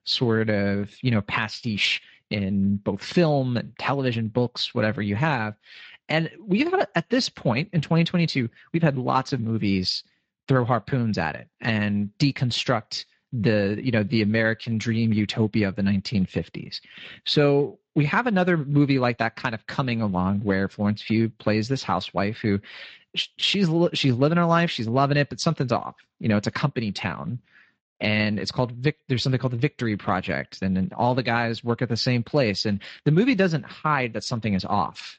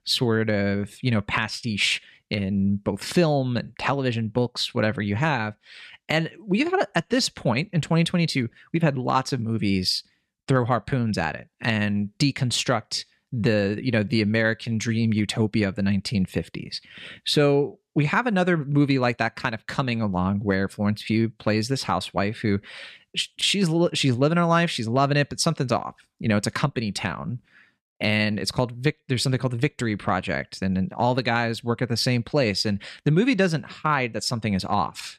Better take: second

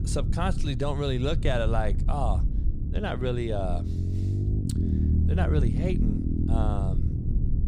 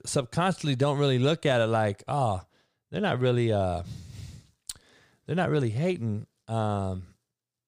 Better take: second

